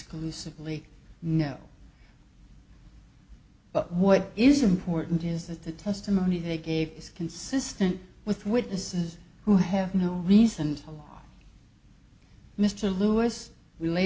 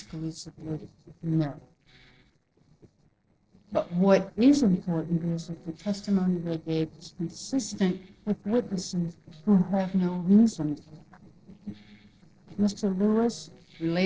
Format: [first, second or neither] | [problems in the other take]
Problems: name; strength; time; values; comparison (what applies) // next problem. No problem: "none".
first | noise reduction (neural separator model SepFormer DNS4)